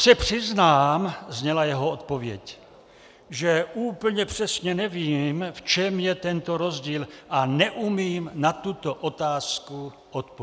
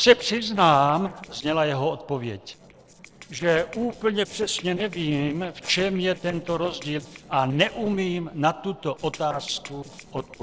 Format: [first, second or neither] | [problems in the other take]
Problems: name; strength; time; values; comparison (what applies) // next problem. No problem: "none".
first | noise reduction (neural separator model SepFormer DNS4)